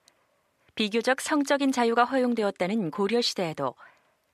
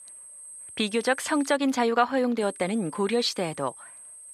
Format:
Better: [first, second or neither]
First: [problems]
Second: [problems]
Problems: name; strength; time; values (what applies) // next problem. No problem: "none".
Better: first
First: none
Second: high-pitched whine; noticeable; until 1.5 s and from 2.5 s on; 8.5 kHz, 15 dB below the speech